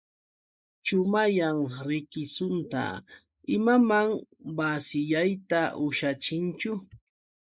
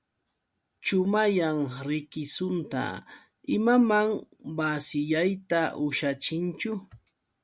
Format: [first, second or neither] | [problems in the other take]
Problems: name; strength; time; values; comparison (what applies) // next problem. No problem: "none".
second | noise reduction (neural mask model Resemble Enhance denoiser)